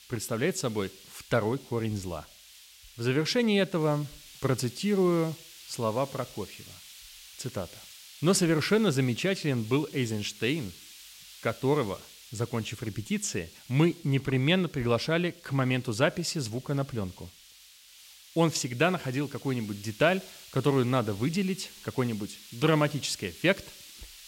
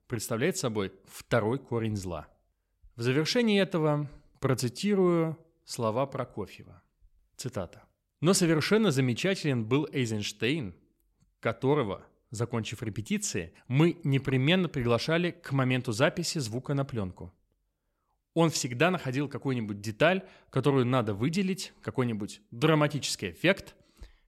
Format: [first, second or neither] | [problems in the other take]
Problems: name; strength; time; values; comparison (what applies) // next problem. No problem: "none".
second | hiss; noticeable; throughout; 20 dB below the speech